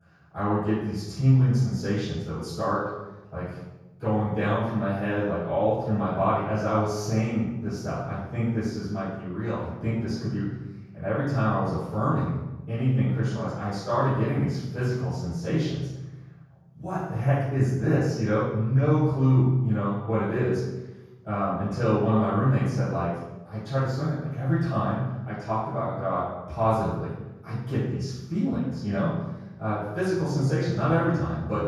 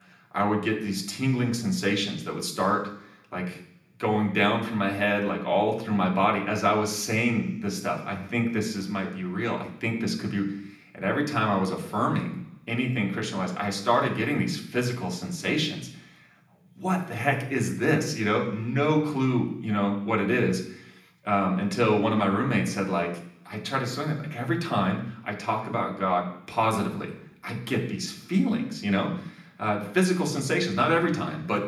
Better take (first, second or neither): second